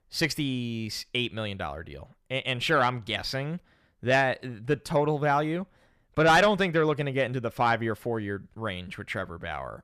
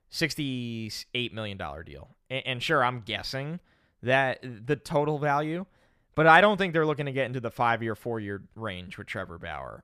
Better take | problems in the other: second | distortion; slight; 10 dB below the speech

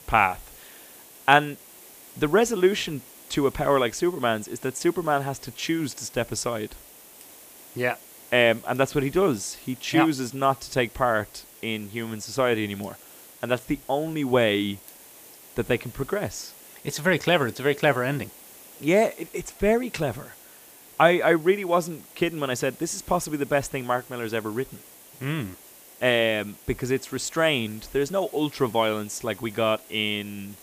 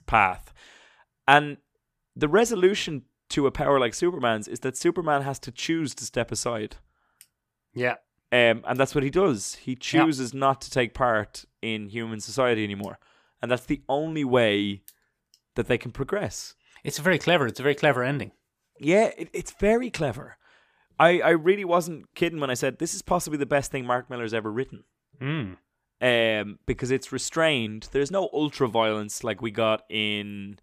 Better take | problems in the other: second | hiss; faint; throughout; 20 dB below the speech

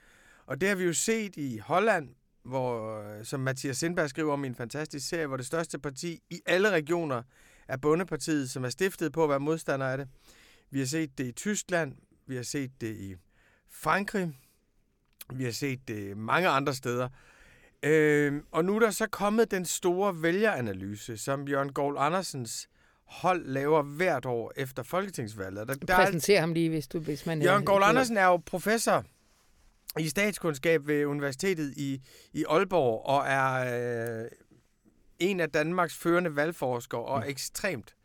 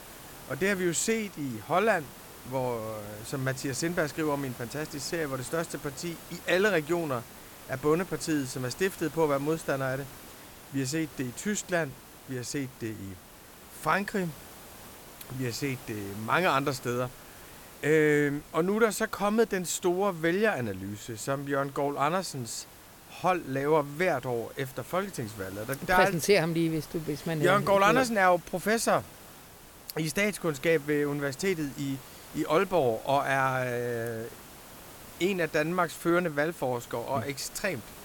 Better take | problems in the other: first | hiss; noticeable; throughout; 20 dB below the speech

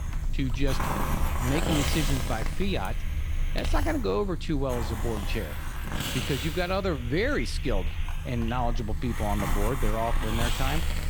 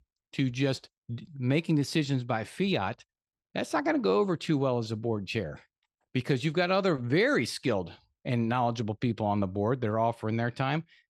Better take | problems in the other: second | hiss; loud; throughout; 1 dB below the speech

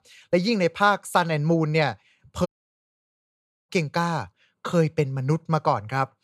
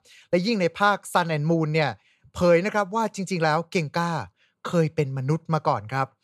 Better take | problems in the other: second | audio cutting out; at 2.5 s for 1 s

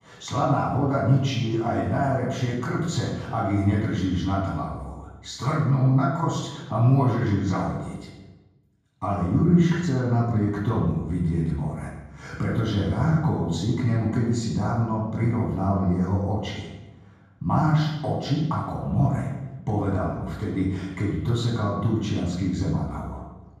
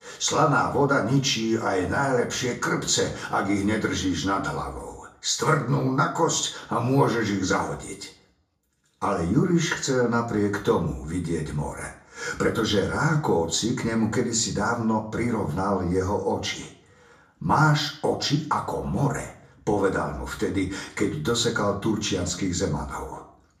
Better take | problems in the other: second | room echo; strong; dies away in 1.3 s; slight in the second // off-mic speech; far; far in the second

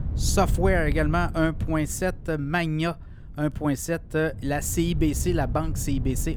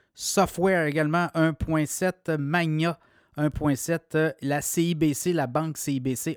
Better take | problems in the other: second | wind noise on the microphone; occasional gusts; 15 dB below the speech

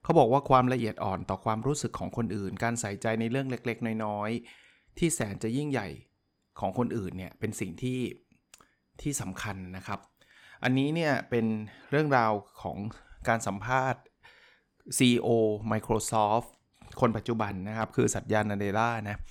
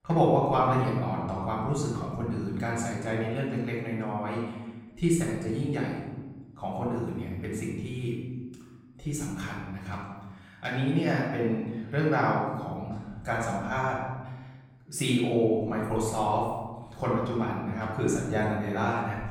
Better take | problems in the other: first | room echo; noticeable; dies away in 1.3 s // off-mic speech; far

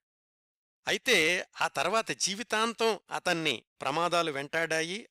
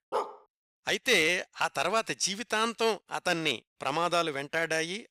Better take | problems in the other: first | dog barking; noticeable; at the start; peak 6 dB below the speech

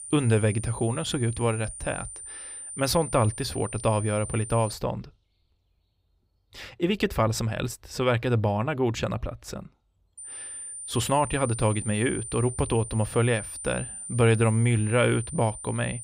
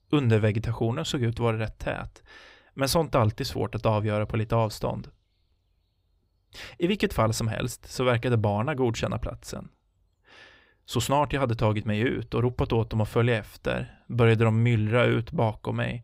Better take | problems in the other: second | high-pitched whine; loud; until 4.5 s and from 10 s on; 9 kHz, 10 dB below the speech

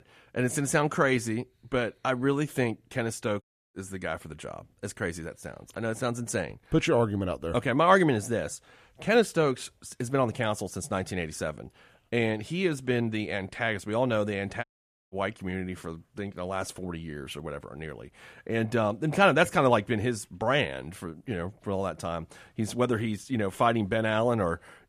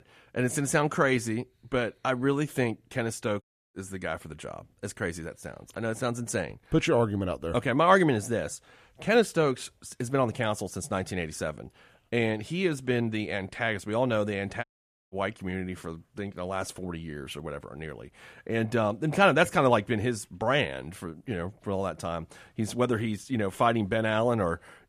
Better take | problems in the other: neither | audio cutting out; at 3.5 s and at 15 s; the same in both

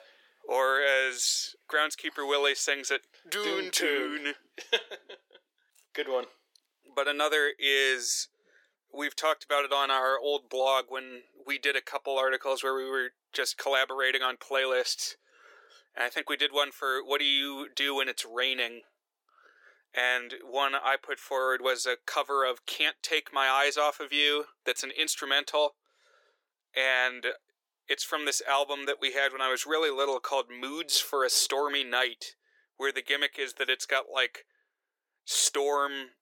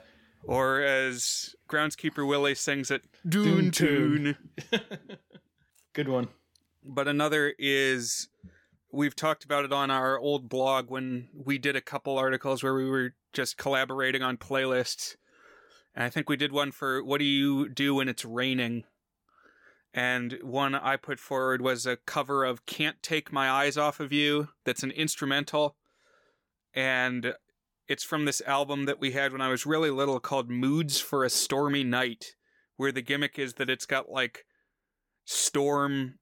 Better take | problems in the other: second | thin; very; fading below 400 Hz

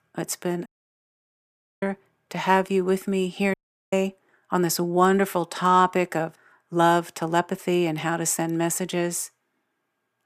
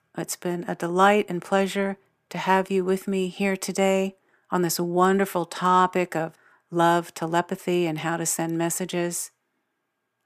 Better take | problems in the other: second | audio cutting out; at 0.5 s for 1 s and at 3.5 s

